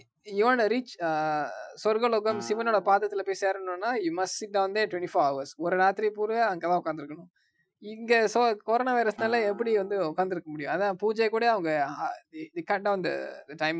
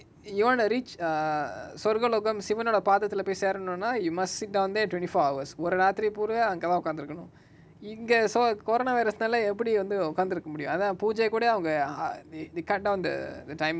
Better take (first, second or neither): second